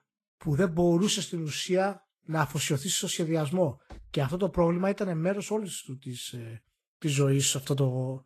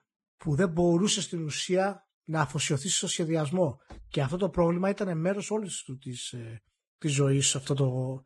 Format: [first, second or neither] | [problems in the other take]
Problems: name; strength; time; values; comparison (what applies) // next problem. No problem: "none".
first | garbled, watery; badly; slightly in the first